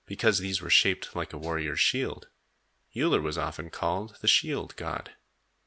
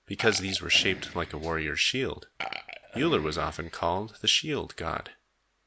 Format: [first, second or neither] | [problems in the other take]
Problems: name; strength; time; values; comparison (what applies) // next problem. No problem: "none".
first | background sound (Burping, eructation); 12 dB below the speech